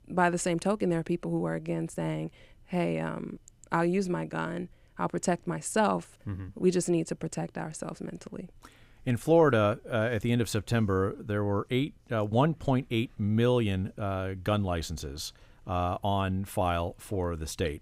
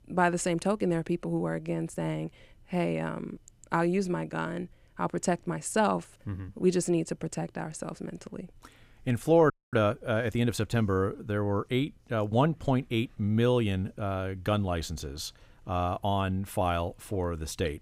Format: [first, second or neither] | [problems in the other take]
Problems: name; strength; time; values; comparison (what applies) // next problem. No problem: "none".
first | audio freezing; at 9.5 s